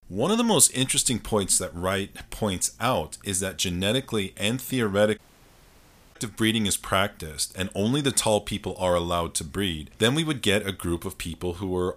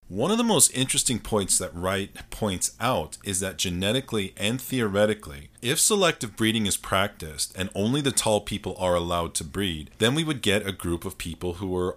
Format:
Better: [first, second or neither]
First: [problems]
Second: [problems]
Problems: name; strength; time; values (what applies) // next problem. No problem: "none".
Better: second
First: audio cutting out; at 5 s for 1 s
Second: none